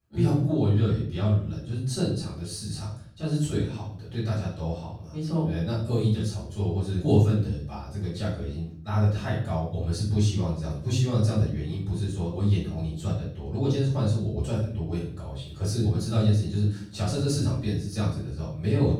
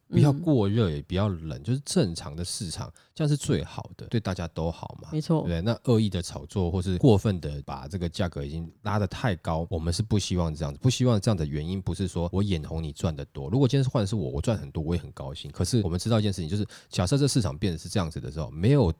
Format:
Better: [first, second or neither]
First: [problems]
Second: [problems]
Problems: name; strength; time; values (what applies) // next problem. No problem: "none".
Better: second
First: room echo; noticeable; dies away in 0.6 s // off-mic speech; far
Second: none